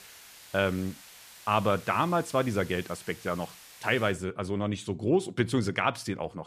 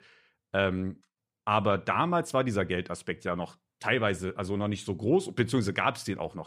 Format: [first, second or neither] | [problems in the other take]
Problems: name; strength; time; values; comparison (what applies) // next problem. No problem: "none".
second | hiss; noticeable; until 4 s; 20 dB below the speech